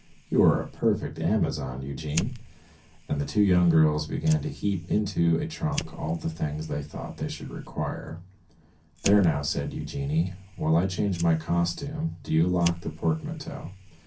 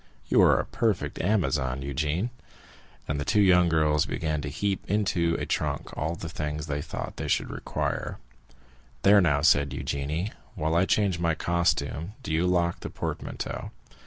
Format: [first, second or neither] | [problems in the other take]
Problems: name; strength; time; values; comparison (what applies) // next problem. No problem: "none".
second | background sound (Fire); 17 dB below the speech // room echo; dies away in 0.3 s